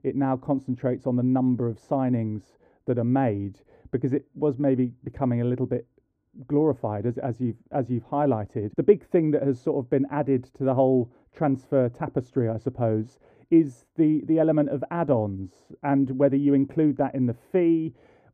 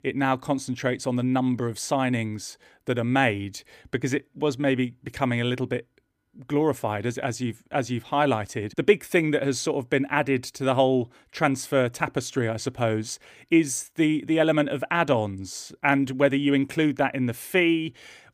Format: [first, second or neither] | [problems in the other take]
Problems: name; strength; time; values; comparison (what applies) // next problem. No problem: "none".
second | muffled; very; fading above 1.5 kHz